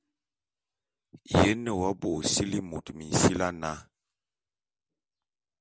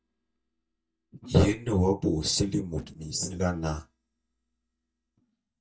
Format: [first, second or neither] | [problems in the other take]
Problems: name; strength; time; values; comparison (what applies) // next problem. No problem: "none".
first | noise reduction (neural mask model DeepFilterNet 3)